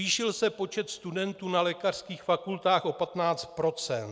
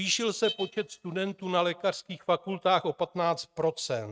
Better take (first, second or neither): first